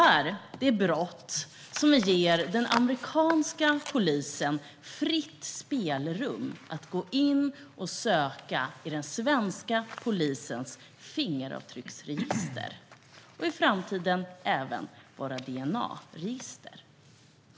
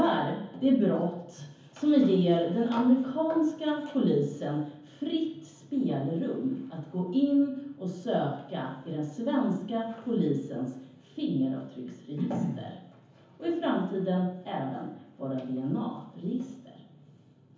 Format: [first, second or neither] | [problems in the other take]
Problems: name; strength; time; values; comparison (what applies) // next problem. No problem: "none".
first | room echo; dies away in 0.7 s